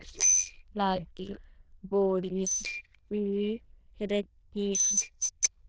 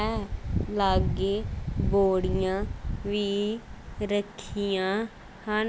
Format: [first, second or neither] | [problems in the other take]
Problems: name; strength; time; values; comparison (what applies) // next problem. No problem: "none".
second | noise reduction (neural diffusion model UNIVERSE++)